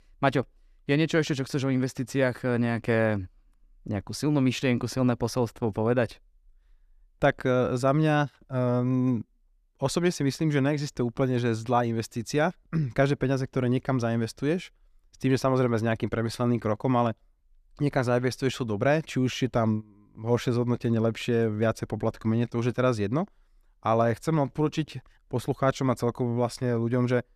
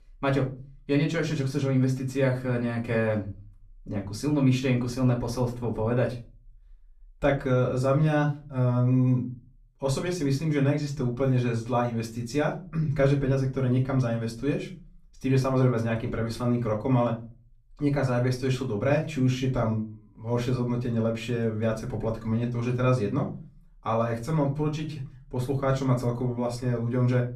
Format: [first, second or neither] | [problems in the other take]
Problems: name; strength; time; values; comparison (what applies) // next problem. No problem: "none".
first | off-mic speech; far // room echo; very slight; dies away in 0.3 s